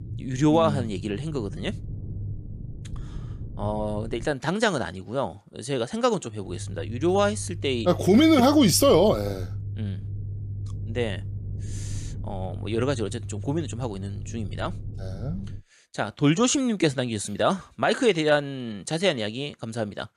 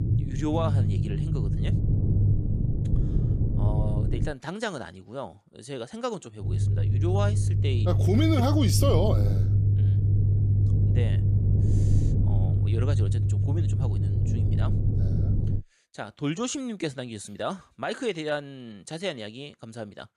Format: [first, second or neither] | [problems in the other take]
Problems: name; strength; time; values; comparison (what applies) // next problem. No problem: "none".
first | low rumble; loud; until 4.5 s and from 6.5 to 16 s; 5 dB below the speech; faint in the first